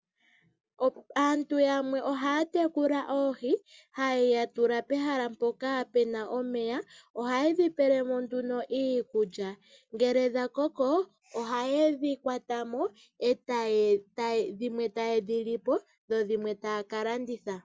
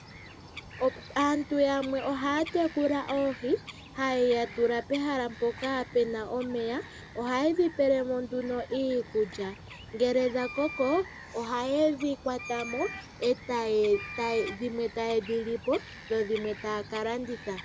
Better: first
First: none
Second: background sound (Wind instrument, woodwind instrument + Bird vocalization, bird call, bird song); 15 dB below the speech

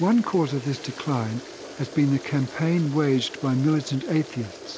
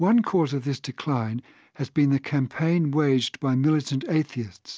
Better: second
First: background sound (Toilet flush); 15 dB below the speech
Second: none

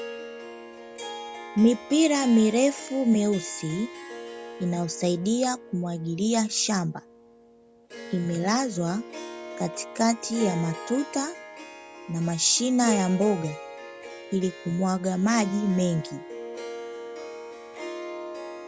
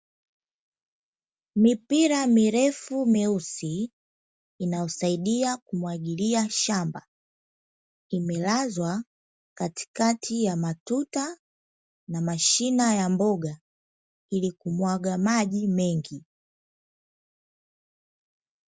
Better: second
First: background sound (Harp); 13 dB below the speech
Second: none

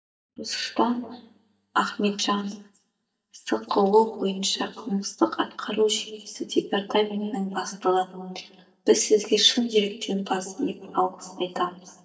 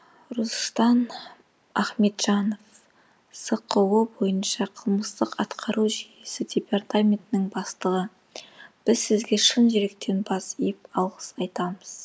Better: second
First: noise reduction (neural mask model DeepFilterNet 3)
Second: none

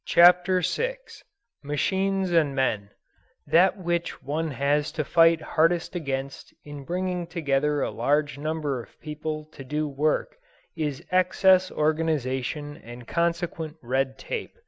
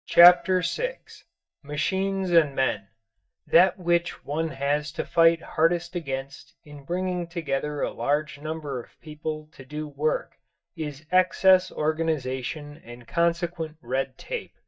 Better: first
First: none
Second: noise reduction (neural mask model DeepFilterNet 3)

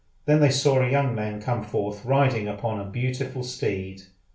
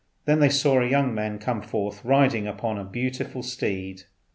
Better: second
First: room echo; dies away in 0.3 s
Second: none

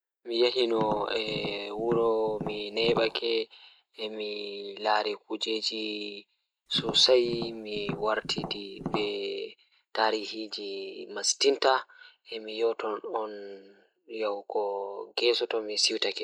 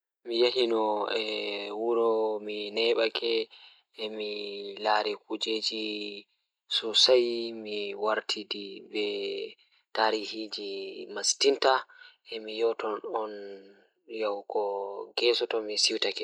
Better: second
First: background sound (Tap); 9 dB below the speech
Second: none

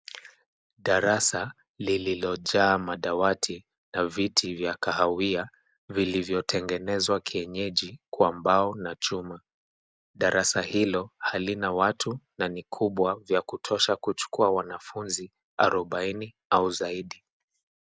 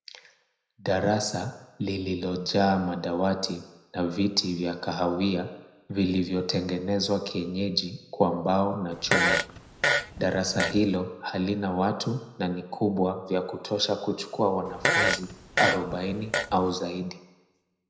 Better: first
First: none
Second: background sound (Fart); as loud as the speech // room echo; dies away in 0.8 s

